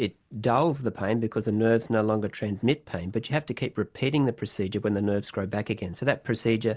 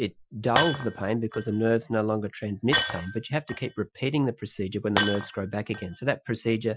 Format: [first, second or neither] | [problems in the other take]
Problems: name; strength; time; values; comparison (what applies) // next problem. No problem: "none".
first | noise reduction (classical method Wiener filter)